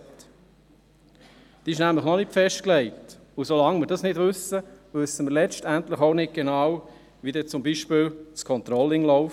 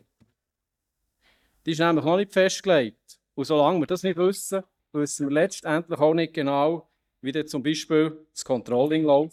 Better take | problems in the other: first | noise reduction (neural mask model DeepFilterNet 3)

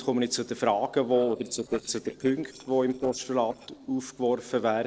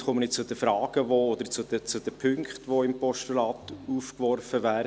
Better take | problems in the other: second | noise reduction (neural separator model SepFormer DNS4)

